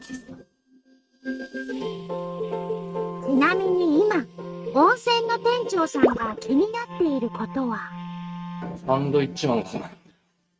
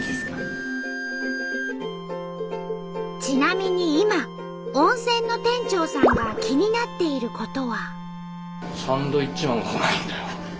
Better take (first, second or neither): second